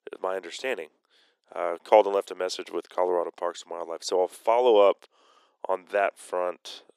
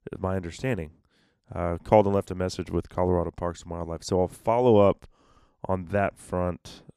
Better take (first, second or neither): second